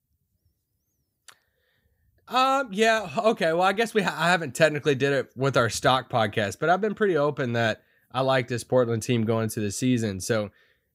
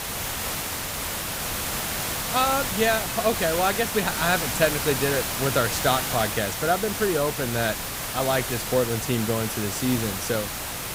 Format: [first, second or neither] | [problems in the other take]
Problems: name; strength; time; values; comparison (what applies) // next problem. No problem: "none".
first | hiss; loud; throughout; 2 dB below the speech